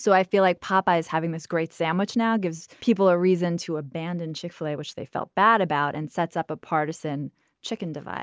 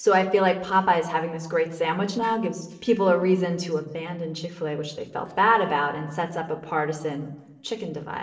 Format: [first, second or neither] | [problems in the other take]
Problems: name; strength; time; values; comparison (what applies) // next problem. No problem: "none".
first | noise reduction (neural separator model SepFormer DNS4)